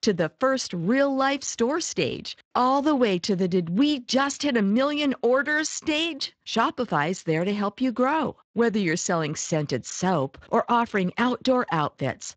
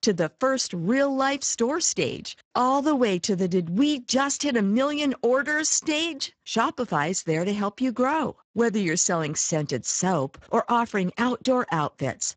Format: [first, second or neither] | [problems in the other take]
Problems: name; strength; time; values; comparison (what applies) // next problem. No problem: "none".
first | garbled, watery; badly; nothing above 7.5 kHz; slightly in the first